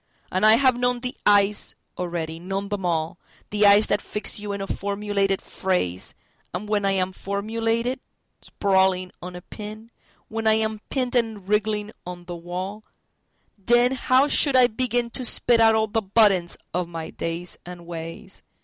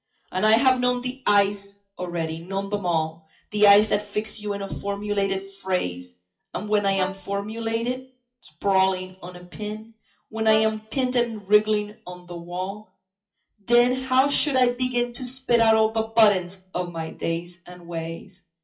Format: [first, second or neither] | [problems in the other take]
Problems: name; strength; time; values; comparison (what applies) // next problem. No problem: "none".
first | noise reduction (classical method WPE with log-MMSE)